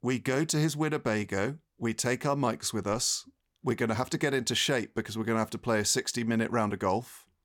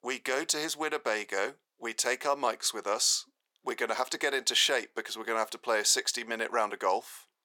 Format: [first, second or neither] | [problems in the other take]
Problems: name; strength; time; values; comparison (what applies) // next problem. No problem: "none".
first | thin; very; fading below 450 Hz